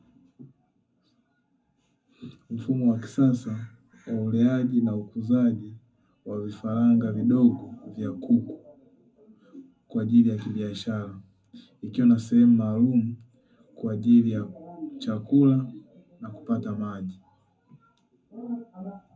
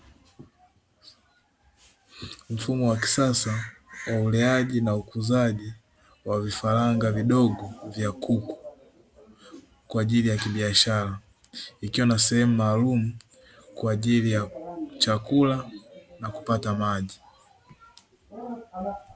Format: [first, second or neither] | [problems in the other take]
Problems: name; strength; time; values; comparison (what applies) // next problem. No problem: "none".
second | room echo; dies away in 0.3 s